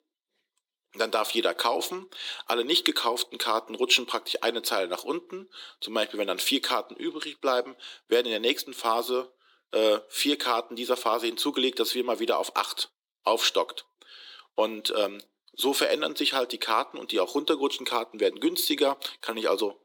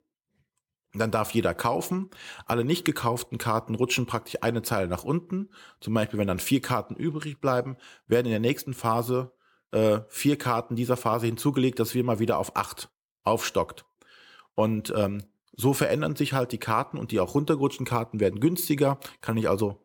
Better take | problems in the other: second | thin; somewhat; fading below 300 Hz

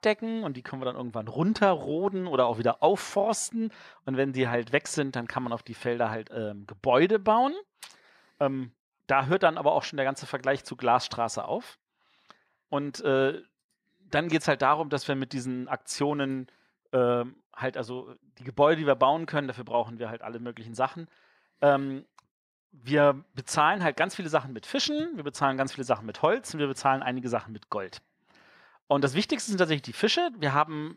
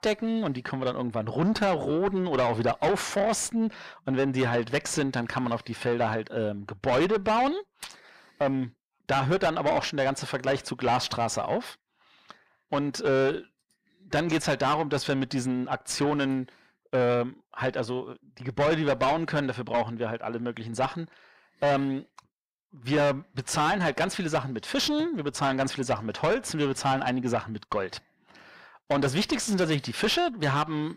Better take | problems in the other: first | distortion; heavy; 6 dB below the speech

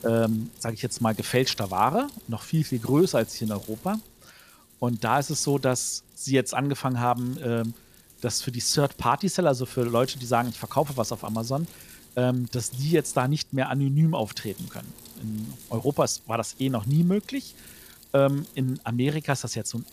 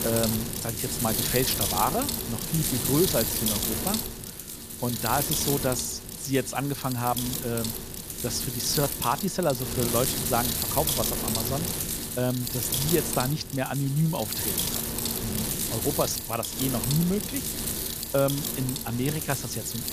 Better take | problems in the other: first | wind noise on the microphone; heavy; 1 dB below the speech; occasional gusts in the first

